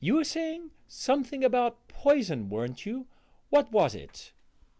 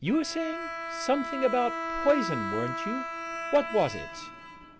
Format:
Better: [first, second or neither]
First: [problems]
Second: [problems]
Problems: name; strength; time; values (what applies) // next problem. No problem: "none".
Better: first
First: none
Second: background sound (Bowed string instrument); 5 dB below the speech